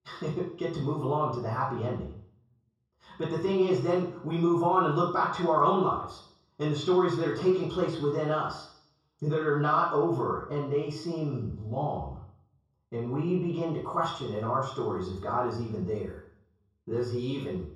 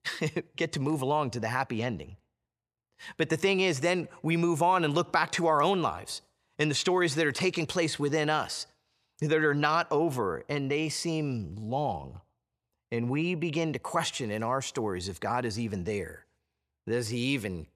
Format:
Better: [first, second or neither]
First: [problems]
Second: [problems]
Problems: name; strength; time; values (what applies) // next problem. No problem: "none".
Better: second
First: room echo; noticeable; dies away in 0.6 s // off-mic speech; far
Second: none